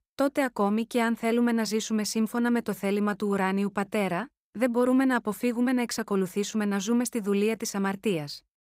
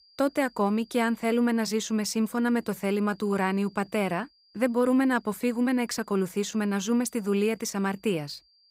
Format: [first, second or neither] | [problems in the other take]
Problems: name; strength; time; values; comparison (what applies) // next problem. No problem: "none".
first | high-pitched whine; faint; throughout; 5 kHz, 30 dB below the speech